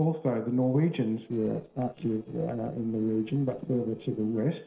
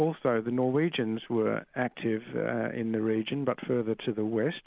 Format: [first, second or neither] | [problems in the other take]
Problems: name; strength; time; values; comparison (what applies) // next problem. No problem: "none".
second | noise reduction (neural separator model SepFormer DNS4)